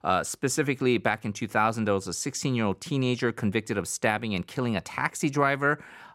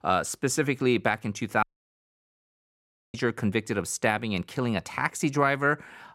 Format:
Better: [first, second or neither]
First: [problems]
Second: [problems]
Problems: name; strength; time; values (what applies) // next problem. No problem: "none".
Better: first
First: none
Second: audio cutting out; at 1.5 s for 1.5 s